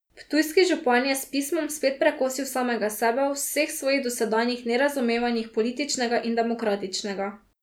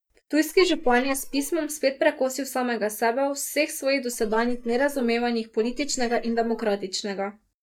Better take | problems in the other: first | noise reduction (neural mask model DeepFilterNet 3)

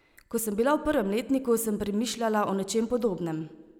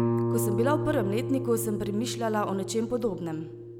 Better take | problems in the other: first | background sound (Guitar); 2 dB below the speech

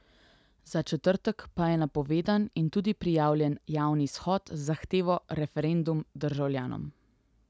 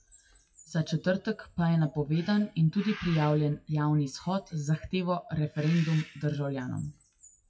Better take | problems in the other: first | noise reduction (classical method WPE with log-MMSE)

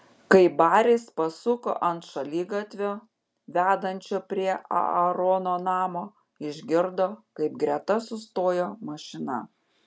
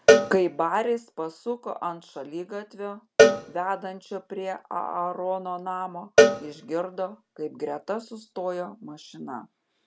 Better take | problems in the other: first | background sound (Cowbell); 5 dB above the speech

